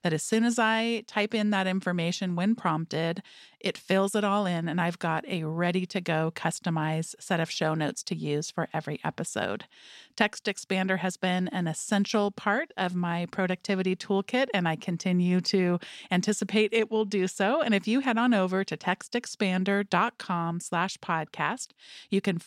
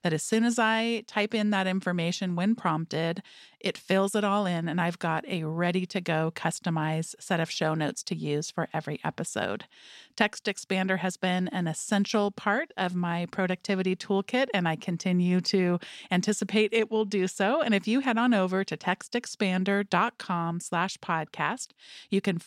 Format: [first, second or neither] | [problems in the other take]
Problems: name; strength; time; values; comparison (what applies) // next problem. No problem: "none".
neither | none